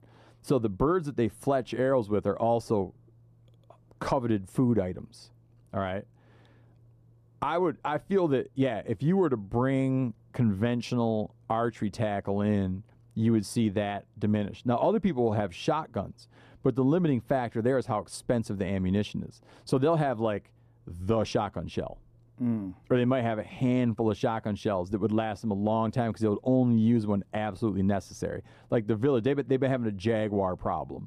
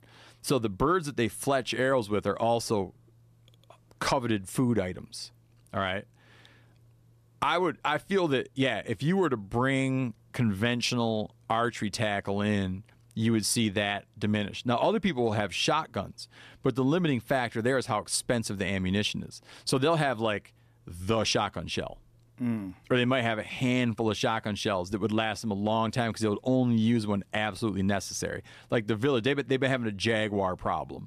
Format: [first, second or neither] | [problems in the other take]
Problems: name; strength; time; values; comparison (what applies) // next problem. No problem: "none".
second | muffled; slightly; fading above 1.5 kHz